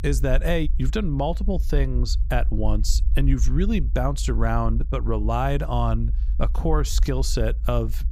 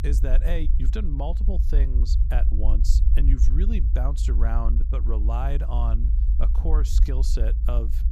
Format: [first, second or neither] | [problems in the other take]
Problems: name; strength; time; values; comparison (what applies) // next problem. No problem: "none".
first | low rumble; loud; throughout; 8 dB below the speech; faint in the first